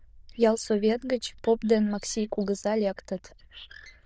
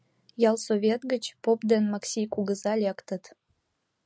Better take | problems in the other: second | noise reduction (neural diffusion model UNIVERSE++)

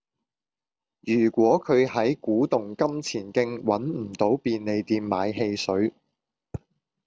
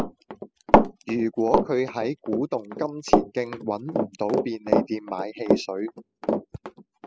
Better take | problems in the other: first | noise reduction (classical method spectral subtraction)

